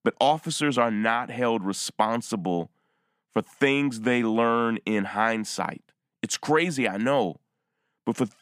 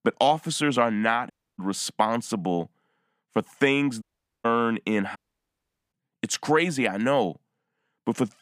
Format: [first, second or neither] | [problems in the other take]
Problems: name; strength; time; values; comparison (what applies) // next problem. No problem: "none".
first | audio cutting out; at 1.5 s, at 4 s and at 5 s for 1 s